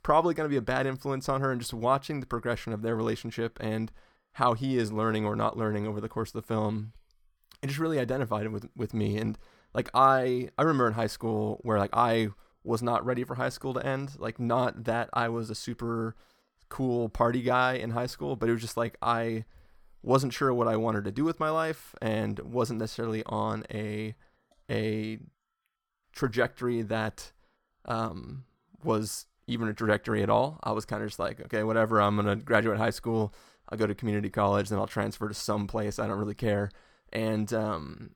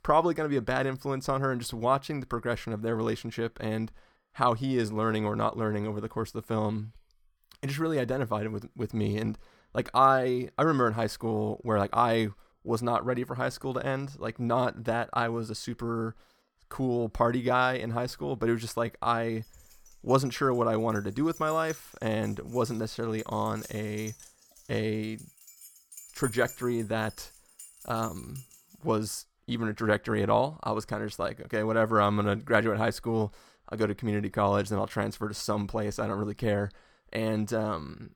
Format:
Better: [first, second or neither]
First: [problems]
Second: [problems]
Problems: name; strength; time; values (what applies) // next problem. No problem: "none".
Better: first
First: none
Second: jangling keys; faint; from 20 to 29 s; peak 10 dB below the speech